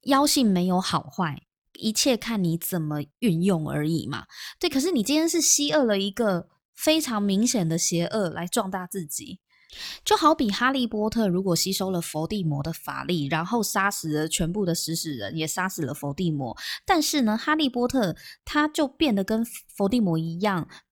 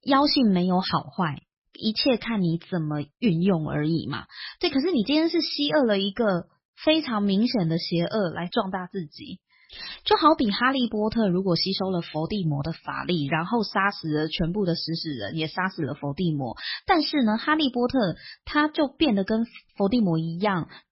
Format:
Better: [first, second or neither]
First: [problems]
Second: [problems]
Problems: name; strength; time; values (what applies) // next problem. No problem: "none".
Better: first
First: none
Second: garbled, watery; badly; nothing above 5.5 kHz